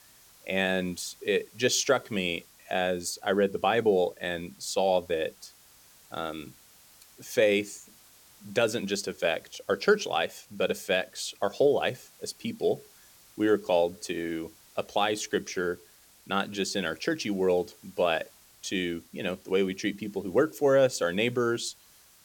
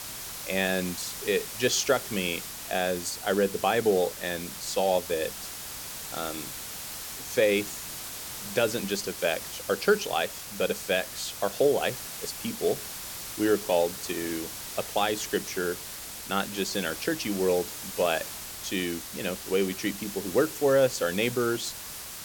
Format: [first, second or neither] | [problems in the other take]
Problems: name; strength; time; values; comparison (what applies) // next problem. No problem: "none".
first | hiss; loud; throughout; 8 dB below the speech; faint in the first